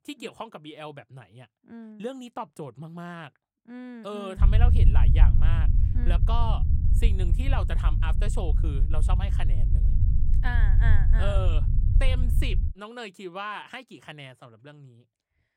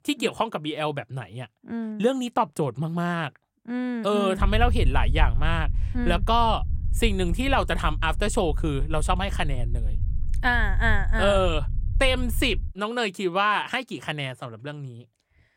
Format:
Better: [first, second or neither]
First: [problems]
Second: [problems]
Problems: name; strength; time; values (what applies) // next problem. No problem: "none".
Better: second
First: low rumble; loud; from 4.5 to 13 s; 6 dB below the speech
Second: low rumble; faint; from 4.5 to 13 s; 20 dB below the speech